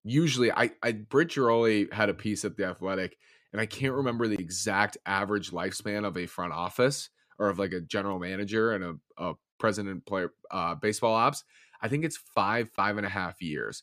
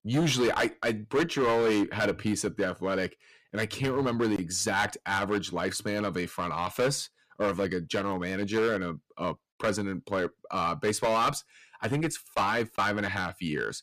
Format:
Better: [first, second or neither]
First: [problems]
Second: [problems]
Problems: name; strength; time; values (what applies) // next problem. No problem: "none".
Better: first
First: none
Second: distortion; heavy; 8% of the sound clipped